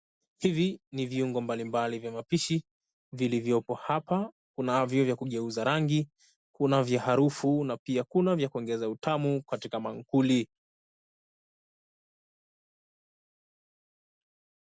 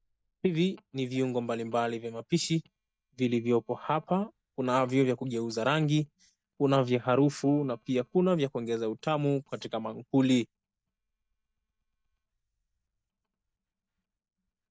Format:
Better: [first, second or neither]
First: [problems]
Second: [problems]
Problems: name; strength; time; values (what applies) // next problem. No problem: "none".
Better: first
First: none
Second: noise reduction (neural mask model DeepFilterNet 3)